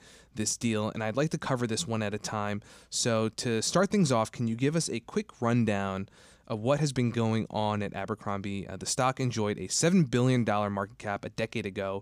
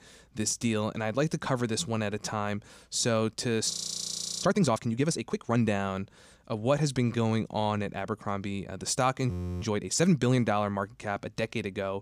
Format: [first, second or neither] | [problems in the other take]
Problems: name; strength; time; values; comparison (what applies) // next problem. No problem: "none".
first | audio freezing; at 3.5 s for 0.5 s and at 9.5 s